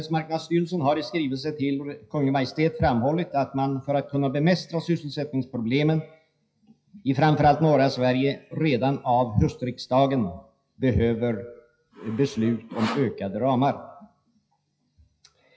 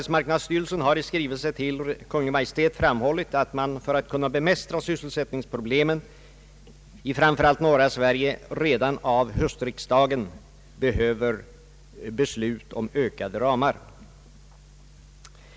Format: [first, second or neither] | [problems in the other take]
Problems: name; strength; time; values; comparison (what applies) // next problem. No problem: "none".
second | noise reduction (classical method WPE with log-MMSE)